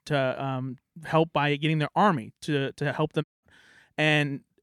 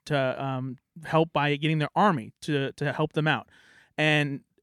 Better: second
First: audio cutting out; at 3 s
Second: none

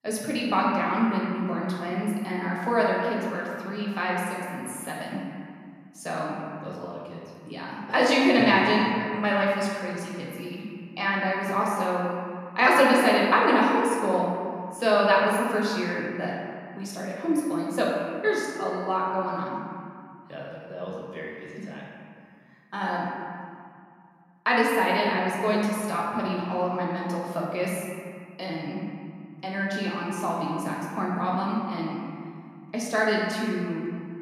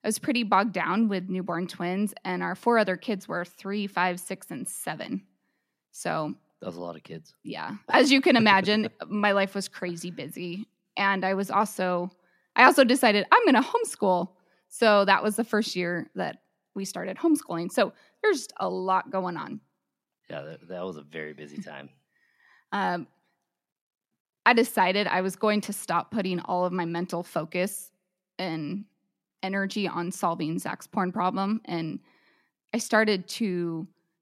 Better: second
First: room echo; noticeable; dies away in 2 s // off-mic speech; far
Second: none

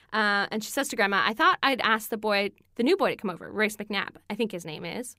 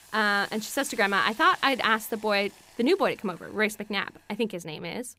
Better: first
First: none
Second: hiss; faint; throughout; 25 dB below the speech

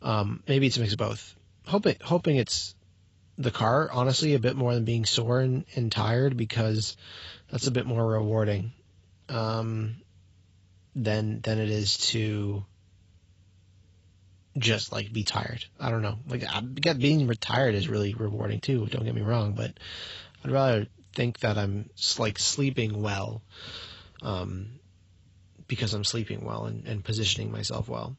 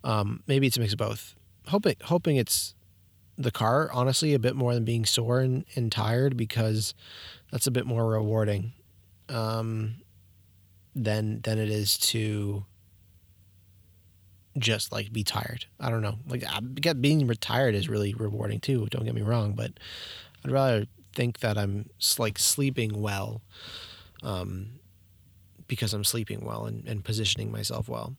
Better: second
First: garbled, watery; badly; nothing above 7.5 kHz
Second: none

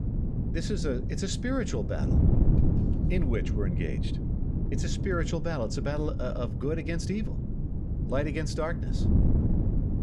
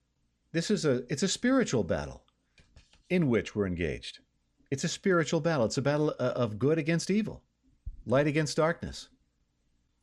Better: second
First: wind noise on the microphone; heavy; 6 dB below the speech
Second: none

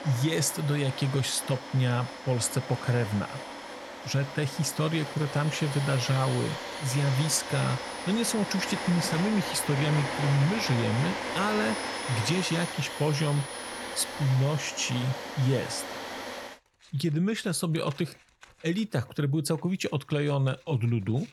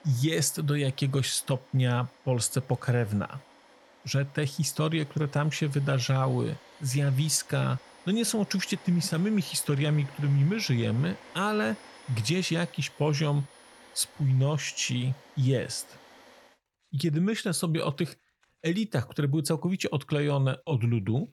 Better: second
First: household noises; loud; throughout; 7 dB below the speech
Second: household noises; faint; throughout; 25 dB below the speech

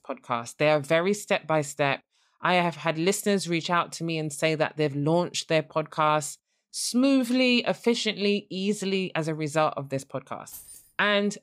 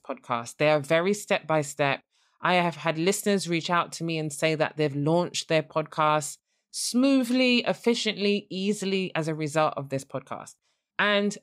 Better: second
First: jangling keys; faint; at 10 s; peak 15 dB below the speech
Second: none

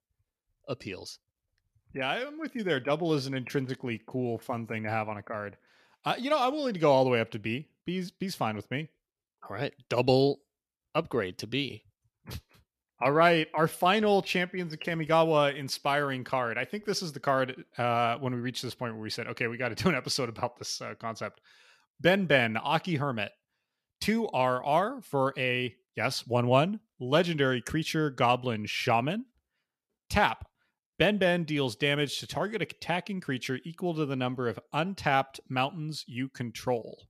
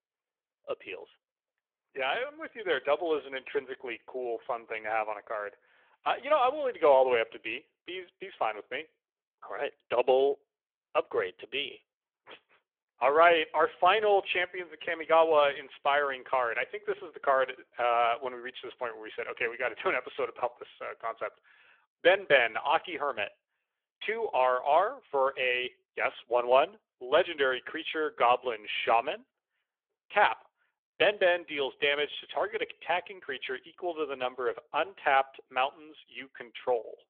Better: first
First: none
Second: phone-call audio

